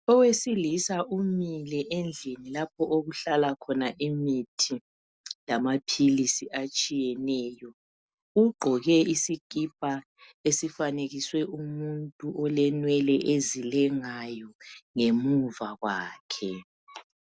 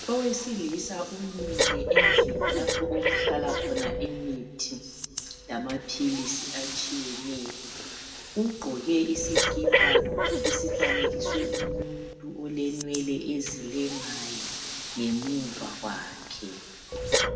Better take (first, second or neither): first